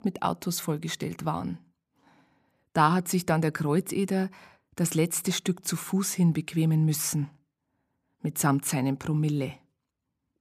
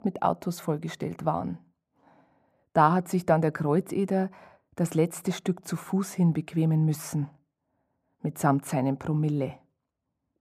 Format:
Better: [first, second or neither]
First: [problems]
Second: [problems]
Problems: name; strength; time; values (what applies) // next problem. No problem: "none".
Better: first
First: none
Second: muffled; slightly; fading above 2 kHz